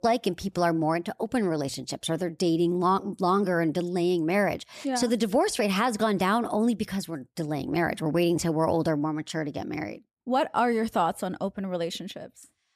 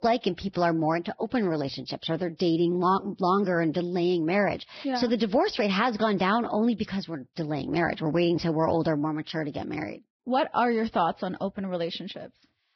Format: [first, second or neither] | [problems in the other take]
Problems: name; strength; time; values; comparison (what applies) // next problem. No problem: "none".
first | garbled, watery; badly; nothing above 5.5 kHz